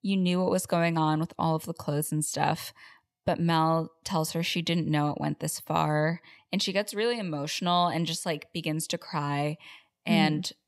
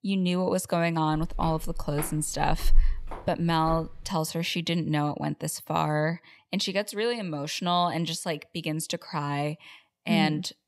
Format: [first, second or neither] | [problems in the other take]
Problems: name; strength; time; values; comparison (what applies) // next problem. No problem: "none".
first | footsteps; noticeable; from 1 to 3.5 s; peak 1 dB below the speech